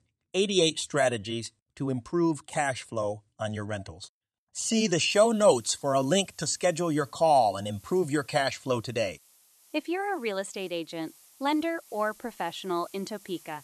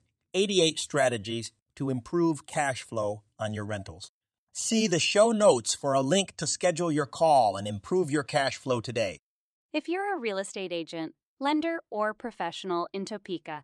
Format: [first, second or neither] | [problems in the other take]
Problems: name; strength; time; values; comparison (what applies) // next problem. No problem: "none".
second | hiss; faint; from 5 s on; 25 dB below the speech